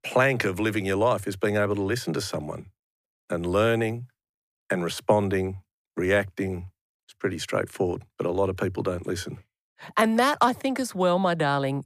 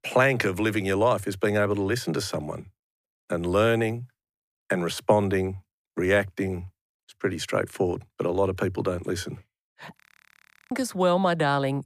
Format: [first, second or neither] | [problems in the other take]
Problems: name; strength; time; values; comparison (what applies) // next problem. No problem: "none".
first | audio freezing; at 10 s for 0.5 s